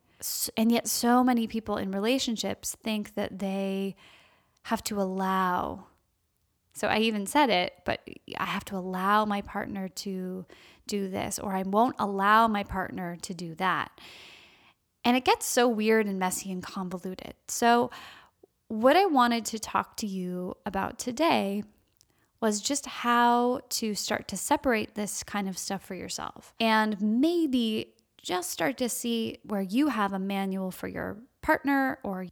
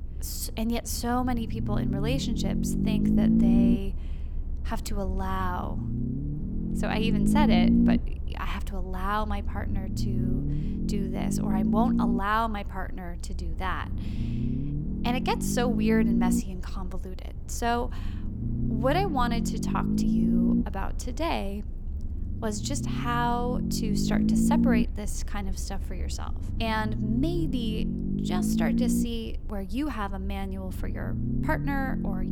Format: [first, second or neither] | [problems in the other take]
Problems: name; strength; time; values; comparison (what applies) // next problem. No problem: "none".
first | low rumble; loud; throughout; 2 dB below the speech